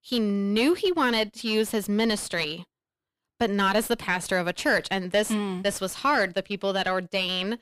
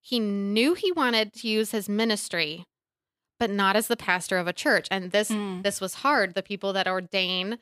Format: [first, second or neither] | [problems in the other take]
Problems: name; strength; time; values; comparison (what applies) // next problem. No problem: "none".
second | distortion; slight; 10 dB below the speech